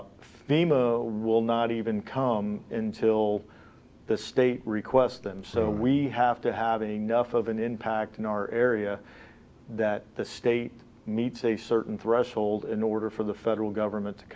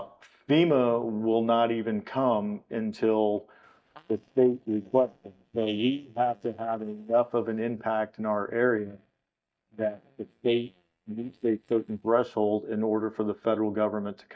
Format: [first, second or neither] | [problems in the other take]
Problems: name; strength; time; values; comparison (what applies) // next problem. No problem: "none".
first | noise reduction (neural mask model DeepFilterNet 3)